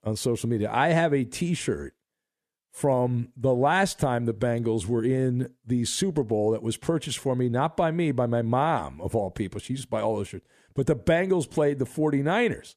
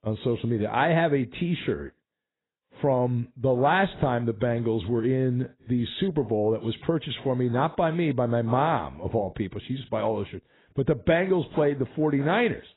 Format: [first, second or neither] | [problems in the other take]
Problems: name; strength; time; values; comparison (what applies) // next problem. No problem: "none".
first | garbled, watery; badly; nothing above 4 kHz